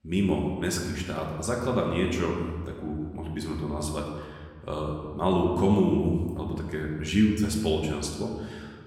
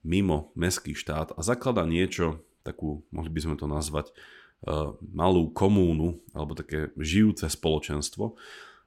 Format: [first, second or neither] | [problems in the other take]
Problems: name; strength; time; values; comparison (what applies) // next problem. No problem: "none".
second | room echo; noticeable; dies away in 1.4 s // off-mic speech; somewhat distant